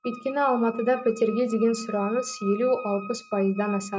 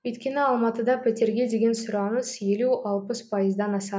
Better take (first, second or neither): second